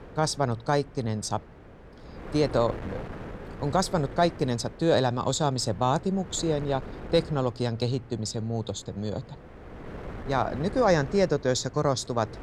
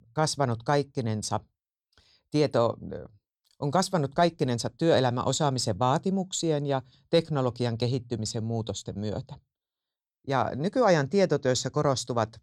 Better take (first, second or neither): second